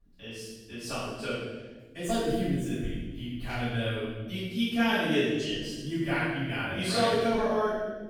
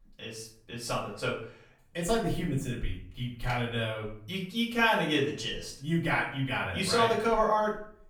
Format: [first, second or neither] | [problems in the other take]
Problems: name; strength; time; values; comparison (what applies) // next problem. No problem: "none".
second | room echo; strong; dies away in 1.3 s; slight in the second // off-mic speech; far; far in the second